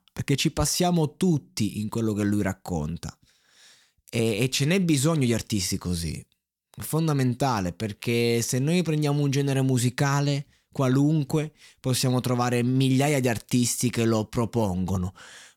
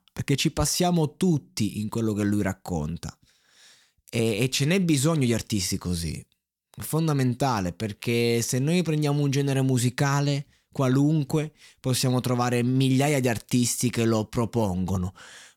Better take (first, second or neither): neither